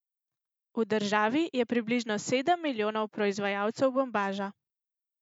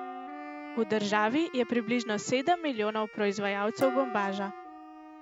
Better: first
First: none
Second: background sound (Dishes, pots, and pans + Wind instrument, woodwind instrument); 12 dB below the speech

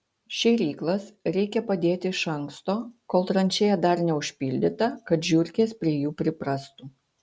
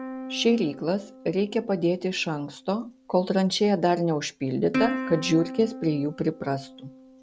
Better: first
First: none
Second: background sound (Plucked string instrument); 11 dB below the speech

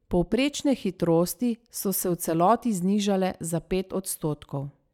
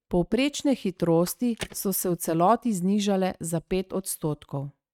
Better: first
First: none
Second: noise reduction (neural mask model RNNoise)

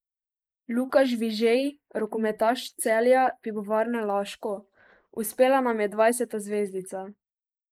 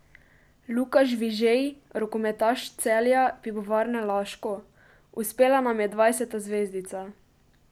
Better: second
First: noise reduction (neural mask model Resemble Enhance denoiser)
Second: none

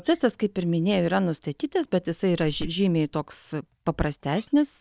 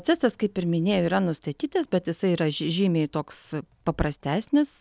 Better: second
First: noise reduction (neural mask model DeepFilterNet 3)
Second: none

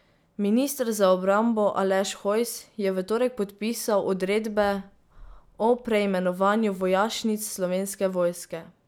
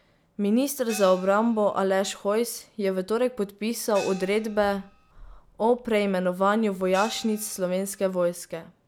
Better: first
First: none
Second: background sound (Gong); 18 dB below the speech

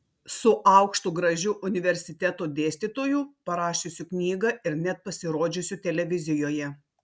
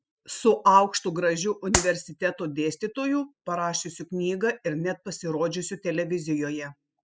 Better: first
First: none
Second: noise reduction (classical method spectral subtraction)

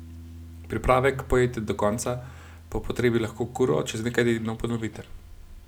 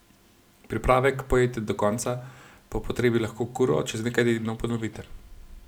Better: second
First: background sound (Piano); 19 dB below the speech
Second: none

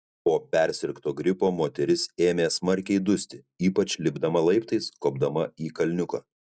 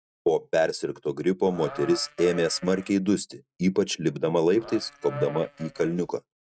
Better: first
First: none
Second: noise reduction (neural mask model RNNoise)

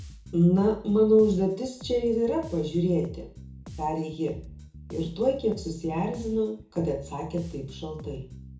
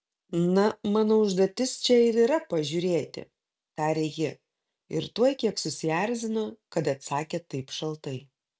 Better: second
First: background sound (Bass guitar); 16 dB below the speech // room echo; dies away in 0.6 s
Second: none

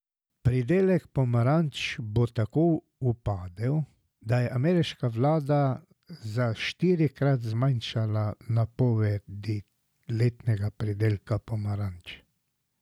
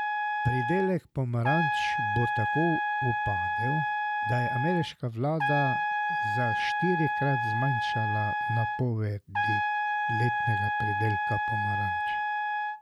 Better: first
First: none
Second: background sound (Trumpet); 2 dB above the speech

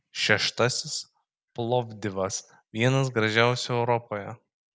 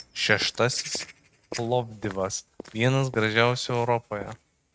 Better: first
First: none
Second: noise reduction (neural mask model RNNoise)

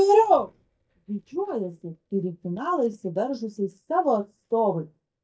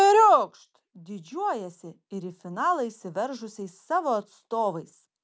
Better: second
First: noise reduction (neural mask model DeepFilterNet 3)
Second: none

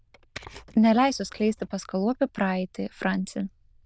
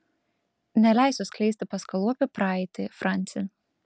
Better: second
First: noise reduction (neural diffusion model UNIVERSE++)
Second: none

